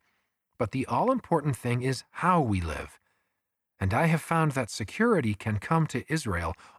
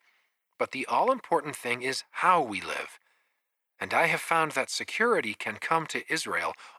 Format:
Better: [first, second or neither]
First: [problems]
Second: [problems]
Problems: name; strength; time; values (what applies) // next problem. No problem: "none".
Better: first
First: none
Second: thin; very; fading below 450 Hz